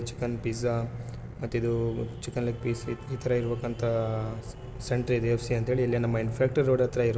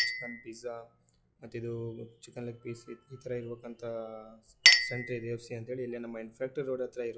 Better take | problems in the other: first | noise reduction (classical method log-MMSE)

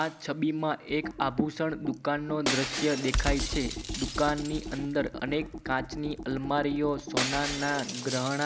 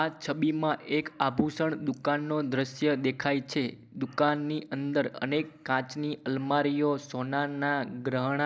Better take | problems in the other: second | background sound (Computer keyboard + Shatter); 5 dB below the speech

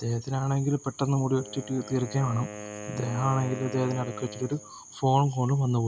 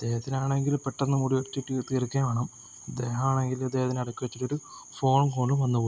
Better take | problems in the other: second | background sound (Wind instrument, woodwind instrument); 15 dB below the speech

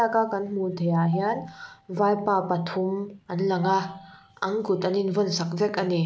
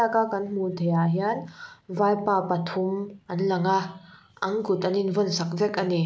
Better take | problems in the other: second | background sound (Marimba, xylophone); 19 dB below the speech

